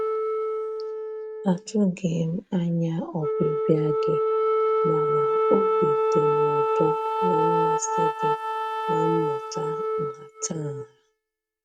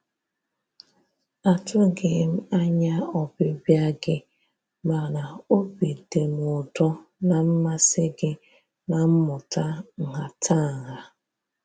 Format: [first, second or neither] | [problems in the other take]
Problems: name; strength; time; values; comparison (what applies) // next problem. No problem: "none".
second | noise reduction (neural mask model RNNoise)